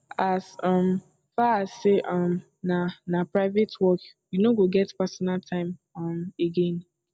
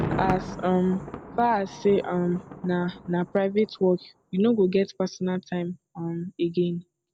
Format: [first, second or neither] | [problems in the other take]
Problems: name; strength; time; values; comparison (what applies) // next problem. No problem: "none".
first | background sound (Thunder); 12 dB below the speech